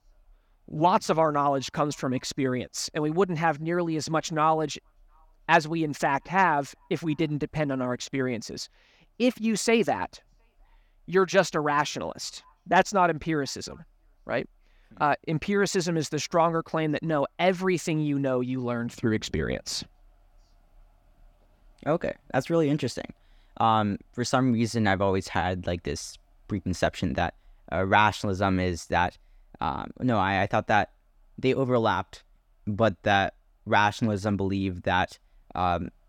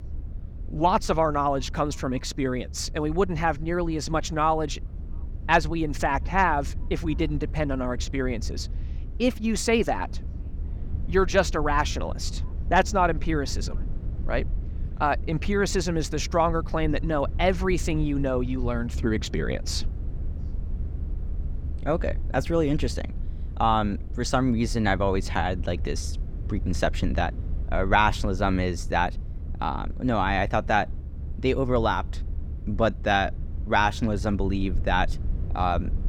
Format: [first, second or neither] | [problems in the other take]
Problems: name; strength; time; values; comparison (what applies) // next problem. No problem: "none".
first | low rumble; faint; throughout; 25 dB below the speech